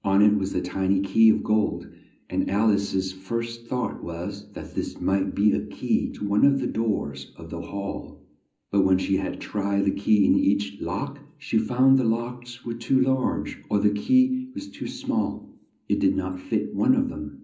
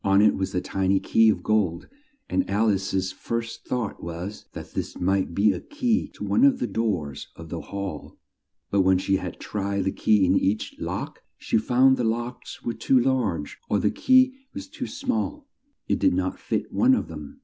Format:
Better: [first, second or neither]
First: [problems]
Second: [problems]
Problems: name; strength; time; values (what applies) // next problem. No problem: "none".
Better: second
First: room echo; dies away in 0.5 s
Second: none